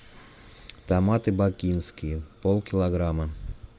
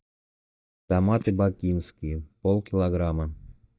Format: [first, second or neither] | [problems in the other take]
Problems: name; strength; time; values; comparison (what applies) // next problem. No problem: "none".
first | noise reduction (neural mask model DeepFilterNet 3)